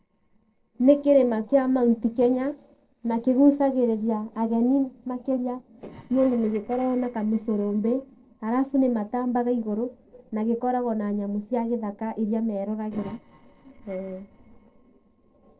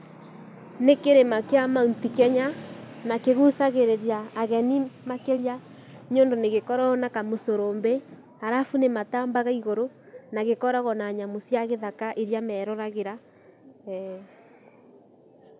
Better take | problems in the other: second | noise reduction (neural separator model SepFormer DNS4)

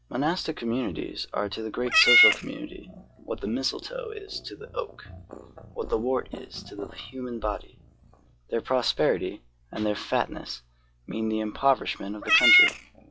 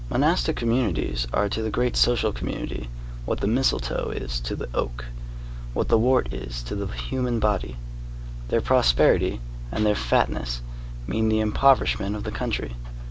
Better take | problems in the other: second | noise reduction (classical method log-MMSE)

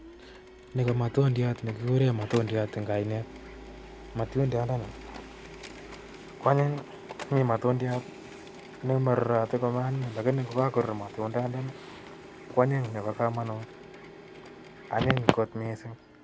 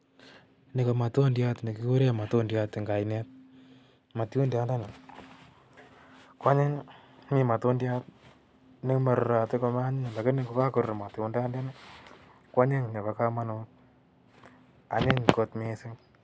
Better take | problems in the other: second | background sound (Printer); 16 dB below the speech

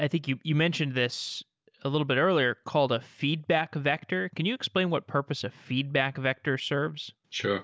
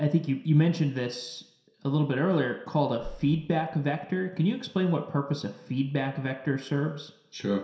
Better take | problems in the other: first | background sound (Breathing); 20 dB below the speech // room echo; dies away in 0.7 s

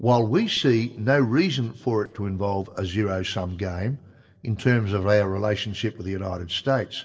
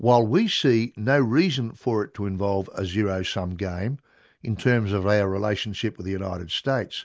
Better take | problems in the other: second | noise reduction (neural separator model SepFormer DNS4)

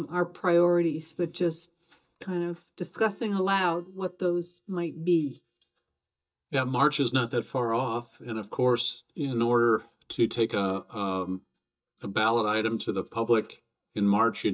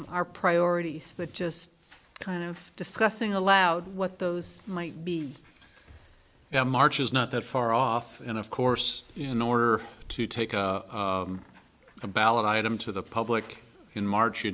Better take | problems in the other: second | noise reduction (neural mask model DeepFilterNet 3)

